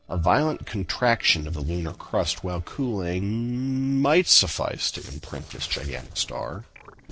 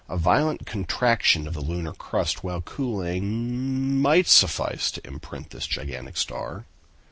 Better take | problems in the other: second | noise reduction (neural separator model SepFormer DNS4)

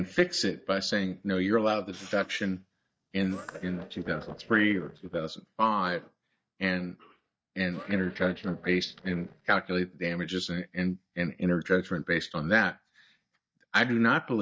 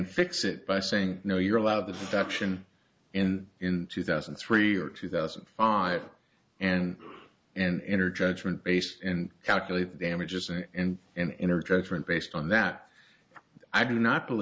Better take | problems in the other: second | noise reduction (neural mask model DeepFilterNet 3)

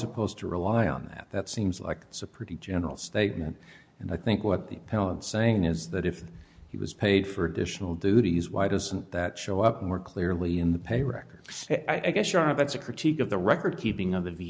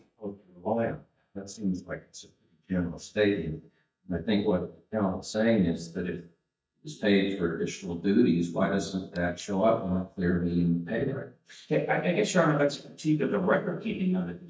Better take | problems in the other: first | noise reduction (neural mask model DeepFilterNet 3)

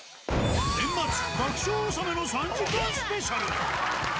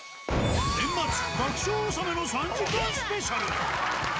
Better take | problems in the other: first | background sound (Bowed string instrument); 18 dB below the speech

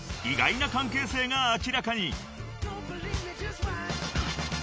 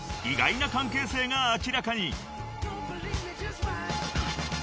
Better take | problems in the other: first | background sound (Screech); 13 dB below the speech

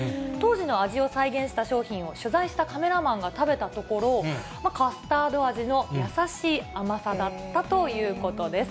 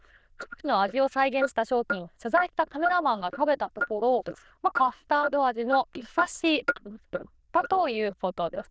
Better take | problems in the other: first | noise reduction (neural diffusion model UNIVERSE++)

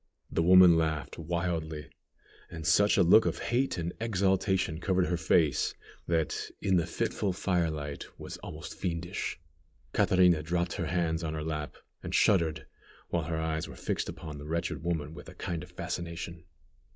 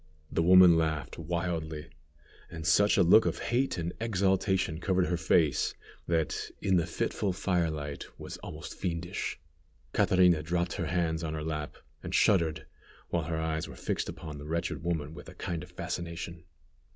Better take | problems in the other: second | noise reduction (neural mask model Resemble Enhance denoiser)

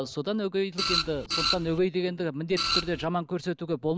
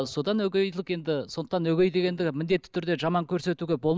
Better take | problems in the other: second | background sound (Printer); as loud as the speech

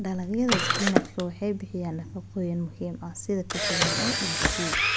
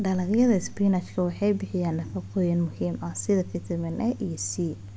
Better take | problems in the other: second | background sound (Printer + Camera); 1 dB above the speech

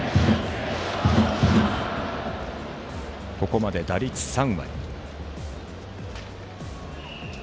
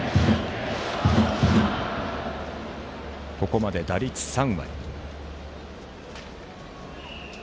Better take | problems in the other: second | background sound (Bass guitar); 14 dB below the speech

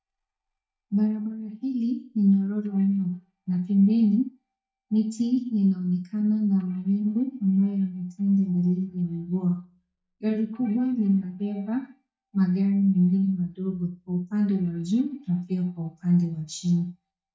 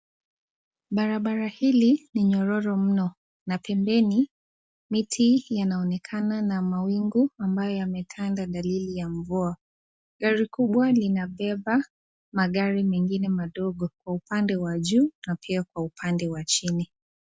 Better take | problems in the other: second | noise reduction (neural mask model DeepFilterNet 3)

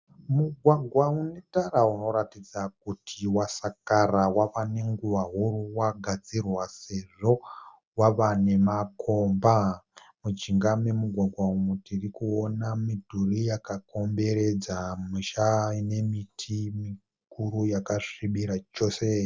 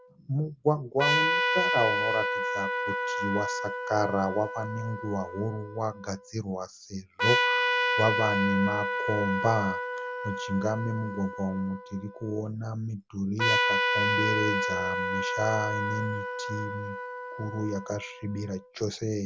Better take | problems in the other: first | background sound (Trumpet); 1 dB above the speech

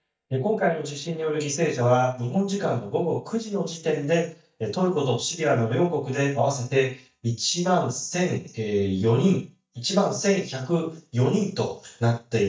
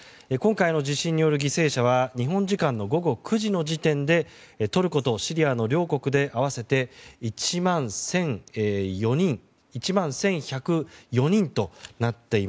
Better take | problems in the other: second | noise reduction (neural mask model DeepFilterNet 3)

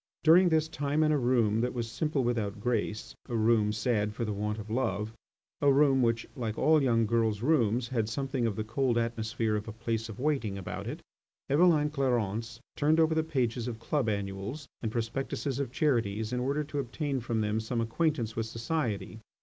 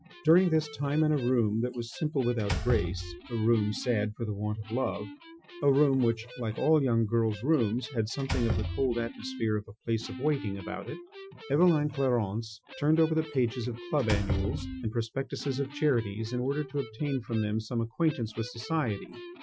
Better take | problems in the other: first | noise reduction (classical method Wiener filter)

